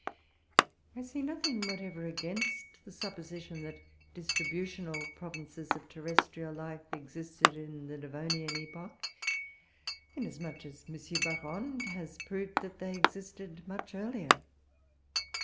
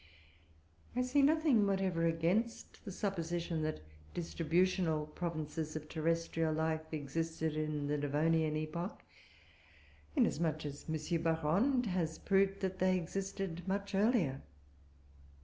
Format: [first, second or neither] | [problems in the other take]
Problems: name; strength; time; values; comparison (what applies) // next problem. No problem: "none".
second | background sound (Chink, clink); 4 dB above the speech